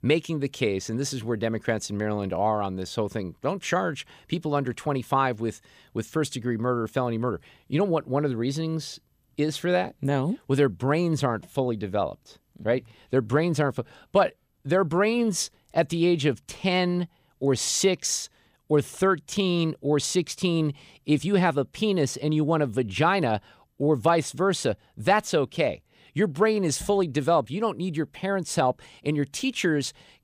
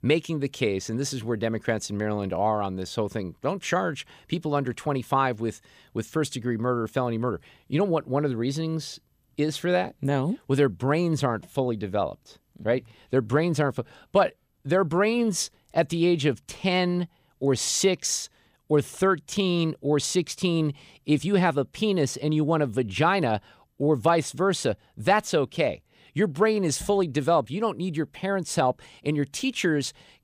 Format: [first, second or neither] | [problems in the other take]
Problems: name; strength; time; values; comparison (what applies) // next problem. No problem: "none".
neither | none